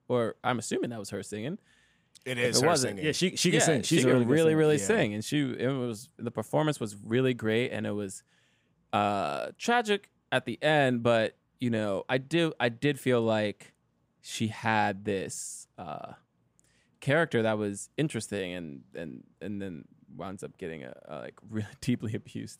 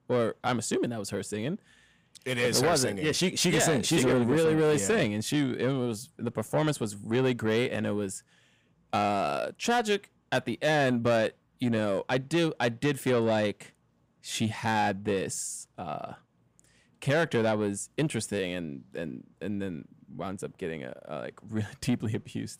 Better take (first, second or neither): first